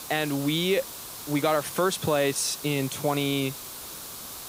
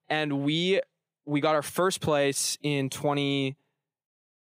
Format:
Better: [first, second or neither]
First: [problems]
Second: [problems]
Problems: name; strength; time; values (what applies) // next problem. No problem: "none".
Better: second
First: hiss; noticeable; throughout; 10 dB below the speech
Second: none